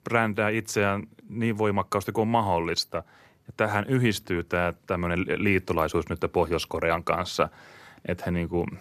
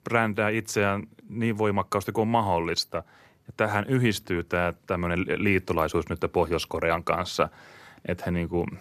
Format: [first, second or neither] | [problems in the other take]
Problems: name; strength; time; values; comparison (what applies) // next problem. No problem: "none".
neither | none